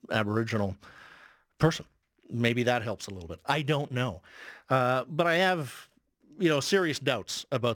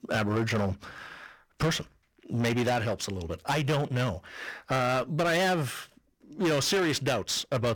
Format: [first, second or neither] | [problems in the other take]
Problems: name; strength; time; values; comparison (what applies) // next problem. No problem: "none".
first | distortion; heavy; 6 dB below the speech